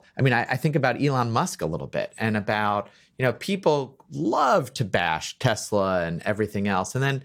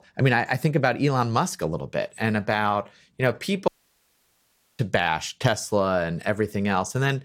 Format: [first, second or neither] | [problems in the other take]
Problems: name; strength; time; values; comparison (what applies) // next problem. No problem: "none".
first | audio cutting out; at 3.5 s for 1 s